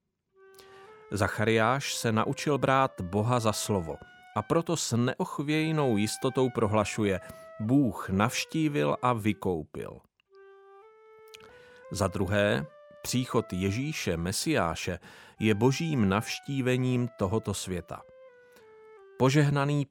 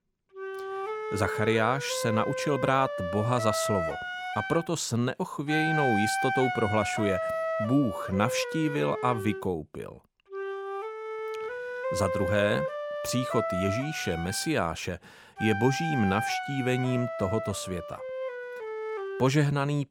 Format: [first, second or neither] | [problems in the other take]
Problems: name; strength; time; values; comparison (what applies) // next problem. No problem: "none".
first | background music; loud; throughout; 4 dB below the speech; faint in the first